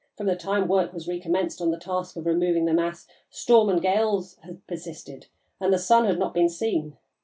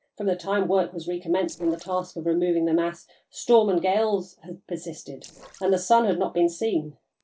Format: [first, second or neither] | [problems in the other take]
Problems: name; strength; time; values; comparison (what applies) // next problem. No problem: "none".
first | noise reduction (neural separator model SepFormer DNS4)